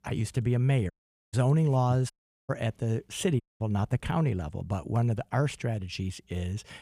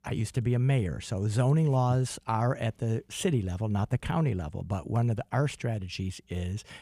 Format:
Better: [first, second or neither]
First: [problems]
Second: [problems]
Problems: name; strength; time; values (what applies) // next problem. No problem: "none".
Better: second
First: audio cutting out; at 1 s, at 2 s and at 3.5 s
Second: none